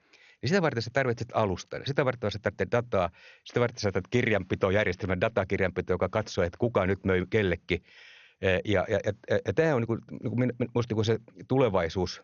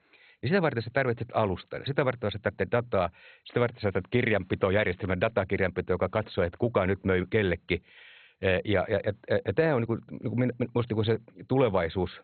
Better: first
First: garbled, watery; slightly; nothing above 6.5 kHz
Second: garbled, watery; badly; nothing above 4 kHz

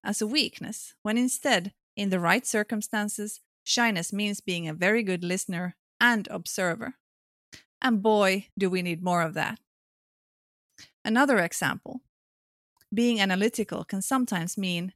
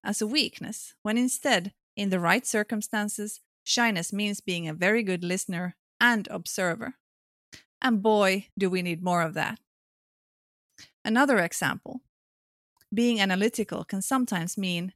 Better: neither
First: none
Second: none

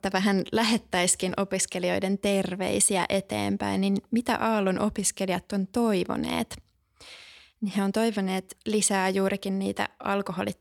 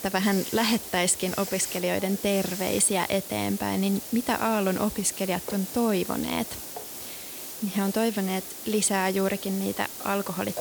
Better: first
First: none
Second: hiss; loud; throughout; 8 dB below the speech

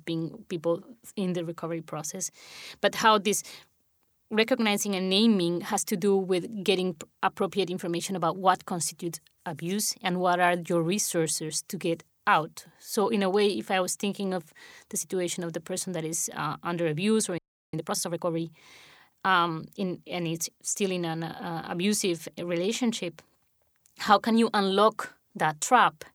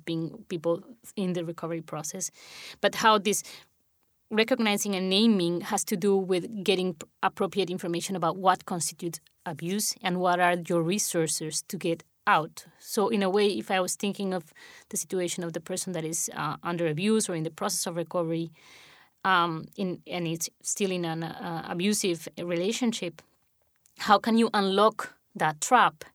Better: second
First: audio freezing; at 17 s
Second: none

